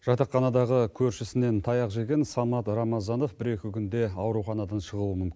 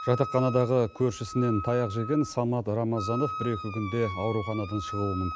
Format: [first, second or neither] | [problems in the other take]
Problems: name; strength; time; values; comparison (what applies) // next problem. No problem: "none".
first | background sound (Wind instrument, woodwind instrument); 10 dB below the speech